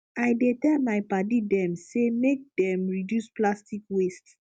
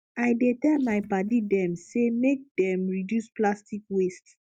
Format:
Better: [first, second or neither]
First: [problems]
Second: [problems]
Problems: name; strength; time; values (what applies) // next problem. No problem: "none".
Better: first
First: none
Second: noise reduction (neural mask model DeepFilterNet 3)